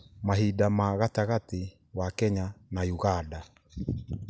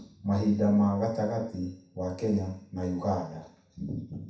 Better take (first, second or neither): first